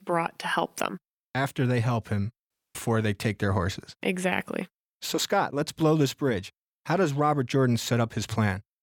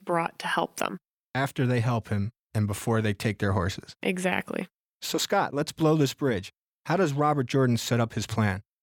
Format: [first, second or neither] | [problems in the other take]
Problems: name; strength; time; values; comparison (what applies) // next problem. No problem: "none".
second | audio cutting out; at 2.5 s